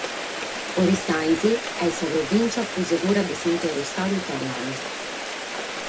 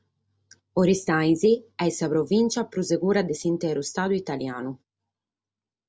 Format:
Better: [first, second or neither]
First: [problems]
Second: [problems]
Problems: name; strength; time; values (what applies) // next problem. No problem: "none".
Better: second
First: background sound (Rain); 6 dB below the speech // room echo; dies away in 0.2 s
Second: none